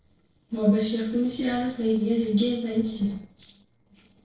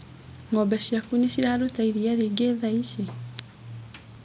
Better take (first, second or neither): second